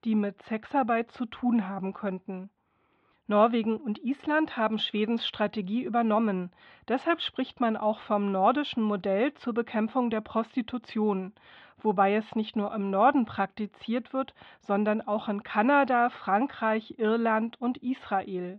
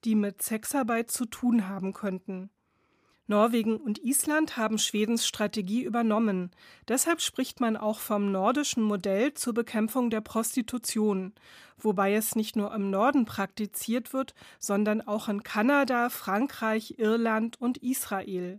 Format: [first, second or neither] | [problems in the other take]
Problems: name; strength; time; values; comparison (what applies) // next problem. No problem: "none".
second | muffled; very; fading above 3.5 kHz